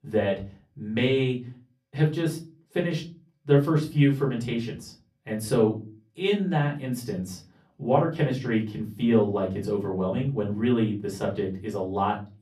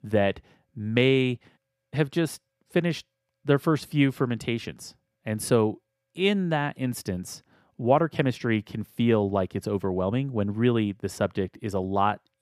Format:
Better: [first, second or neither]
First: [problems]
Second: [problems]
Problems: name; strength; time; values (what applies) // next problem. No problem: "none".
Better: second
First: off-mic speech; far // room echo; very slight; dies away in 0.3 s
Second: none